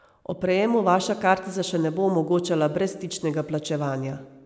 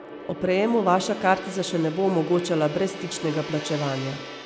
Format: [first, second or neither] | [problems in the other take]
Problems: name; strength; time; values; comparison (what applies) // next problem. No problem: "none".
first | background sound (Gong); 12 dB below the speech